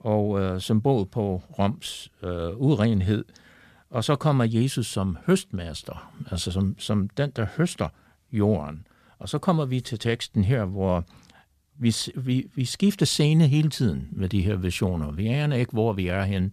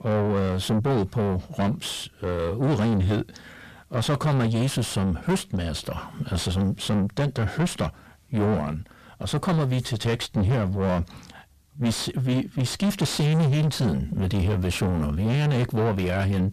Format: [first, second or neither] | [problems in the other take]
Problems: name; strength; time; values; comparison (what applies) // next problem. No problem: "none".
first | distortion; heavy; 5 dB below the speech